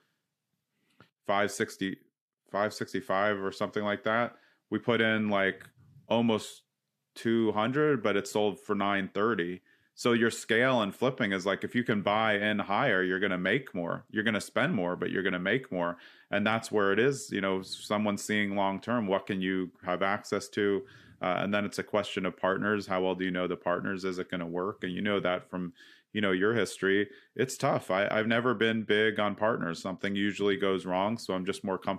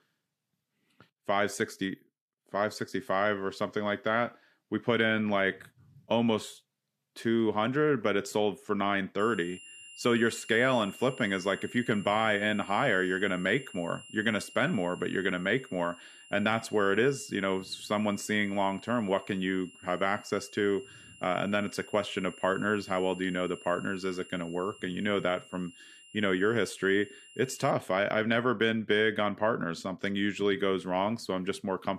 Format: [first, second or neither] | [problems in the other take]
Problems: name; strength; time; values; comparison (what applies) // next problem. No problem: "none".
first | high-pitched whine; noticeable; from 9 to 28 s; 3 kHz, 20 dB below the speech